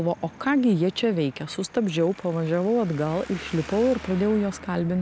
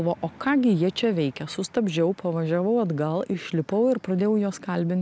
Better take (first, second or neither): second